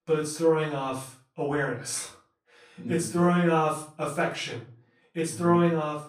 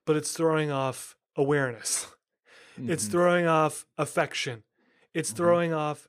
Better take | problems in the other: second | off-mic speech; far // room echo; slight; dies away in 0.3 s

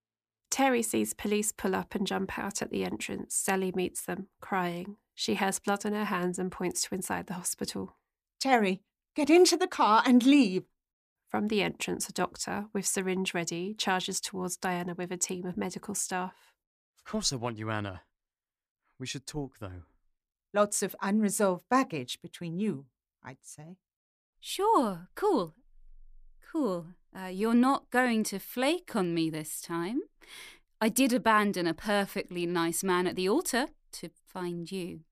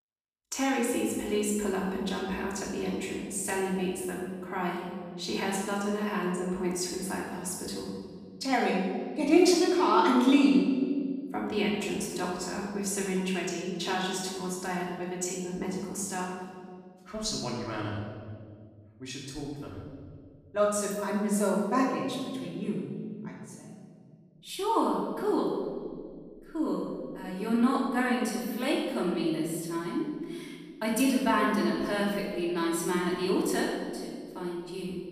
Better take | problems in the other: first | room echo; noticeable; dies away in 1.9 s // off-mic speech; far

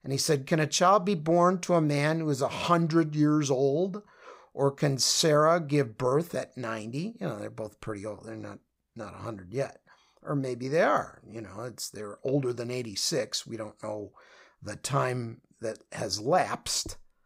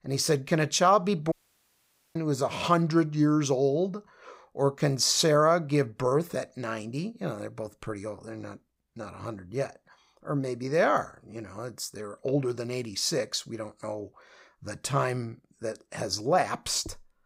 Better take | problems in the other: first | audio cutting out; at 1.5 s for 1 s

